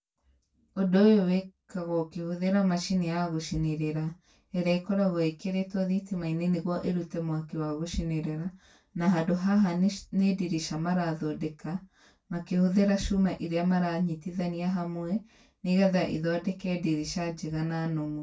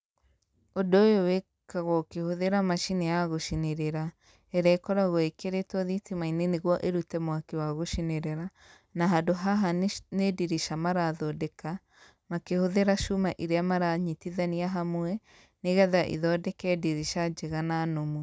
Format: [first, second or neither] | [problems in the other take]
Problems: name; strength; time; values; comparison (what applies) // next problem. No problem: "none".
second | room echo; dies away in 0.2 s